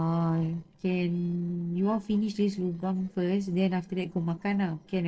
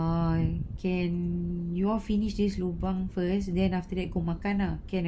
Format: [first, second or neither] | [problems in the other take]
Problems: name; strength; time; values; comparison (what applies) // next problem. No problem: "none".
second | noise reduction (neural separator model SepFormer DNS4)